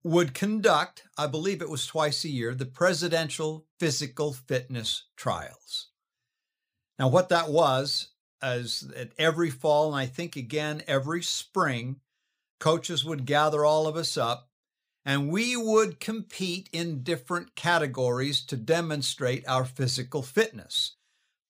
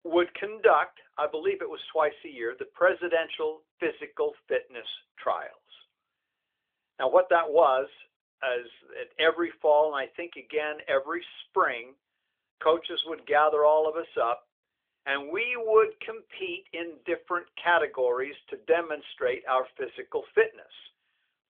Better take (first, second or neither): first